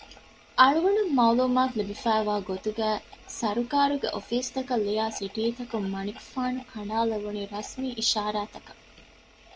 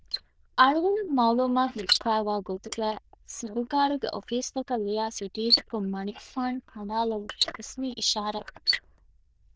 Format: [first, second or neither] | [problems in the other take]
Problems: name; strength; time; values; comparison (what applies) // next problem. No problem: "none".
first | noise reduction (neural diffusion model UNIVERSE++)